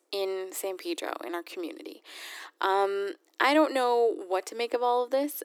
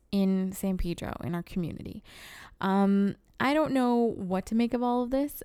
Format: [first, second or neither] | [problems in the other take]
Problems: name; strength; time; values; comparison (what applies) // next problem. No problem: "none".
second | thin; very; fading below 300 Hz